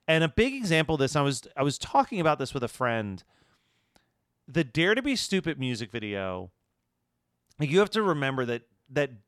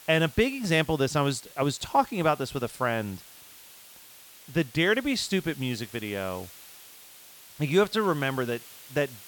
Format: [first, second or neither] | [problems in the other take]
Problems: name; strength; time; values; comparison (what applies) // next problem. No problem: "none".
first | hiss; noticeable; throughout; 20 dB below the speech